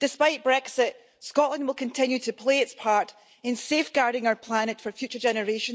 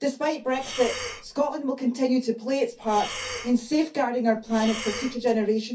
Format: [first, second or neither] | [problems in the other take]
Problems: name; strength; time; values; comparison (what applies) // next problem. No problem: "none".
first | background sound (Breathing); 11 dB below the speech // room echo; dies away in 0.3 s